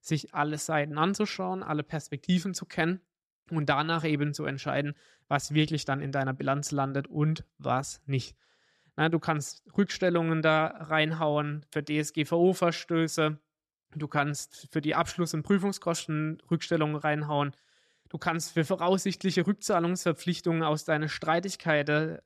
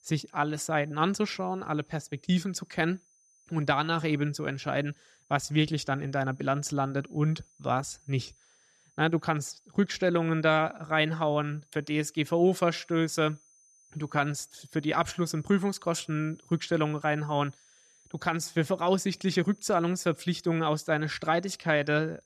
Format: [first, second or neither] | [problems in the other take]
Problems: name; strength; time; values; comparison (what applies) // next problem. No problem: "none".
first | high-pitched whine; faint; throughout; 6 kHz, 30 dB below the speech